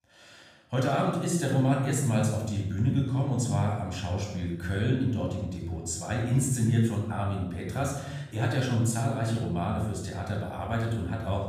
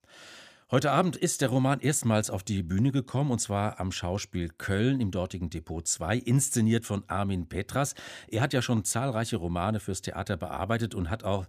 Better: second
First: off-mic speech; far // room echo; noticeable; dies away in 1 s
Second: none

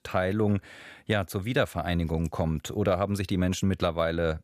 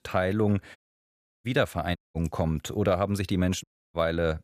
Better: first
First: none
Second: audio cutting out; at 1 s for 0.5 s, at 2 s and at 3.5 s

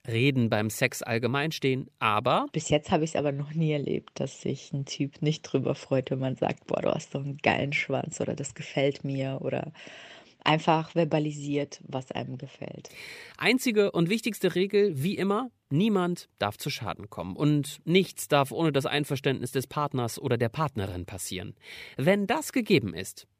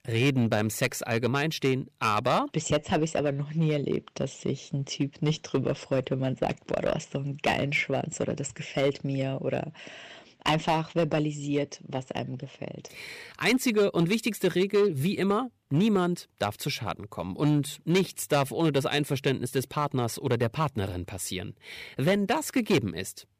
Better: first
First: none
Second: distortion; slight; 3% of the sound clipped

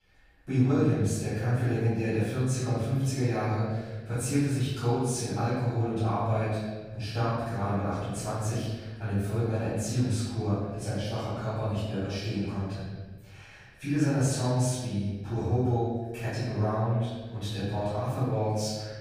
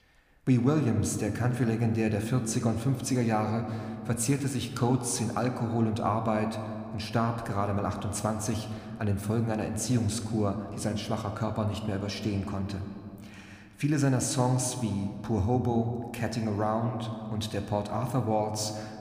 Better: second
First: room echo; strong; dies away in 1.3 s // off-mic speech; far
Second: room echo; slight; dies away in 1.9 s

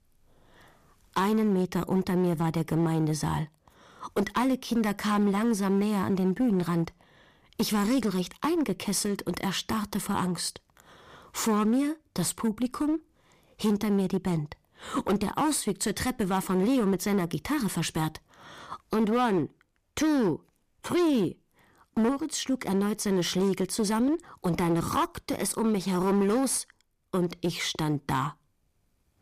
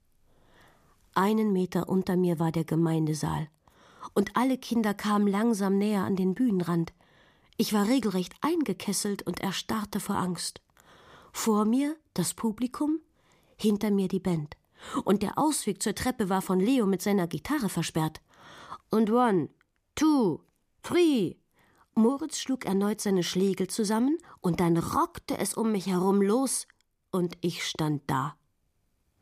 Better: second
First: distortion; slight; 12% of the sound clipped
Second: none

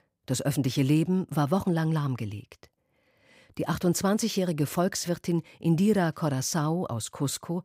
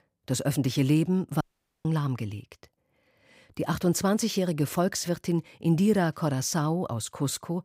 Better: first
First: none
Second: audio cutting out; at 1.5 s

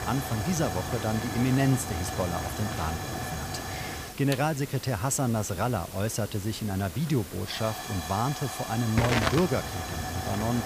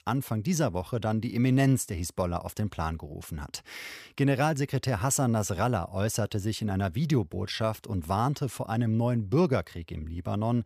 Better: second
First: hiss; loud; throughout; 5 dB below the speech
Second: none

